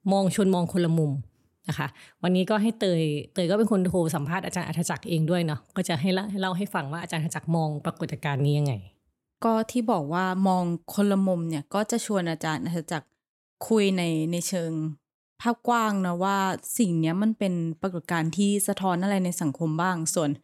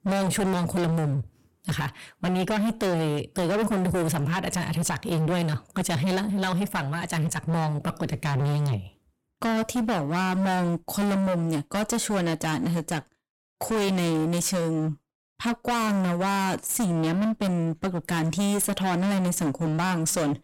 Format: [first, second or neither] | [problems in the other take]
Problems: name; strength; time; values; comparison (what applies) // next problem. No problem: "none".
first | distortion; heavy; 31% of the sound clipped